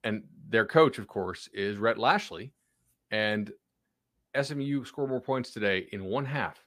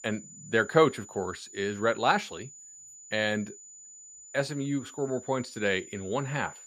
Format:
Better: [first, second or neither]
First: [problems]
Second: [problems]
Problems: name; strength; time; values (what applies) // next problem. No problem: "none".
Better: first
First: none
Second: high-pitched whine; noticeable; throughout; 7 kHz, 15 dB below the speech